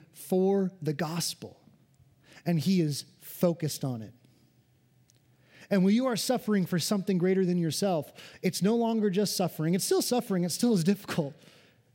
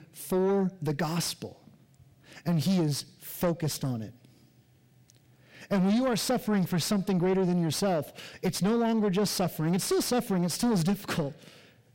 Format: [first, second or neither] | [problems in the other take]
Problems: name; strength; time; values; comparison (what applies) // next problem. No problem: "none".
first | distortion; slight; 9 dB below the speech